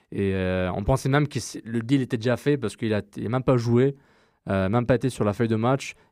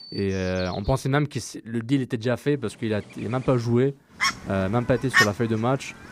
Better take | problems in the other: first | animal sounds; very loud; throughout; as loud as the speech

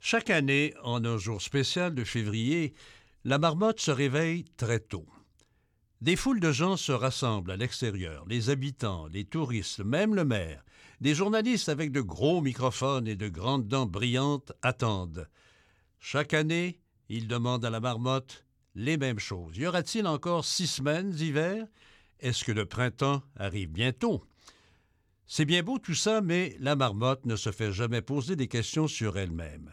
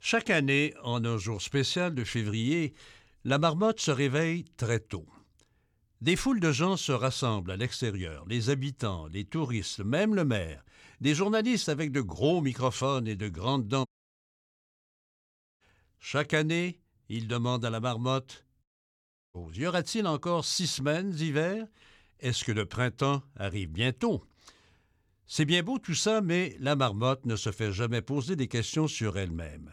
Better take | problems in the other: first | audio cutting out; at 14 s for 1.5 s and at 19 s for 0.5 s

